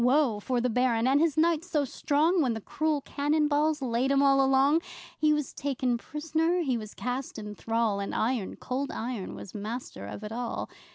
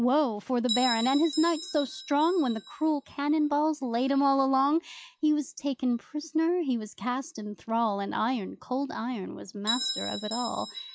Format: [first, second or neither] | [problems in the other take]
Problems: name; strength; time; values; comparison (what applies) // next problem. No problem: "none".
first | noise reduction (classical method log-MMSE)